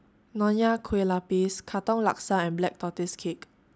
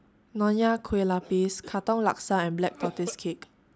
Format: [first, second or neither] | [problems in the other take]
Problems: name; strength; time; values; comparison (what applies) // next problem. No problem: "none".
first | background sound (Cough); 16 dB below the speech